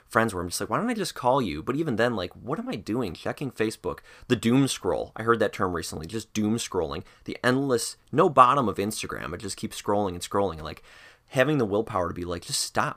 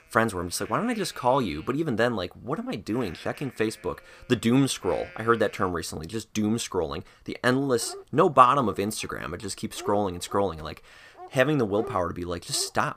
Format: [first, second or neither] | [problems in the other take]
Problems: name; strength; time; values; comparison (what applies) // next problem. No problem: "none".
first | animal sounds; noticeable; throughout; 20 dB below the speech